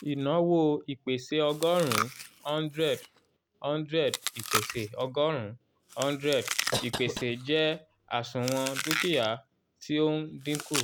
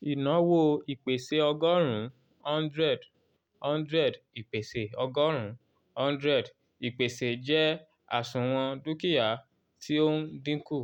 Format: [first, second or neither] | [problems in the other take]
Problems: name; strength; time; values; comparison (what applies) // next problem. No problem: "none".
second | background sound (Chewing, mastication + Cough); 8 dB below the speech